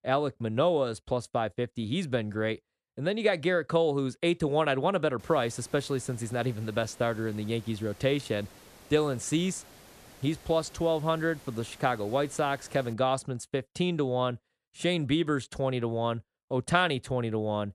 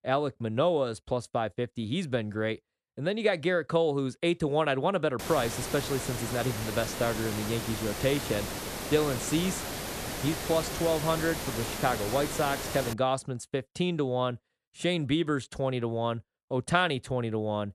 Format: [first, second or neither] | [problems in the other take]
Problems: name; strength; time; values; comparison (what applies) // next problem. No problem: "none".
first | hiss; loud; from 5 to 13 s; 5 dB below the speech; faint in the first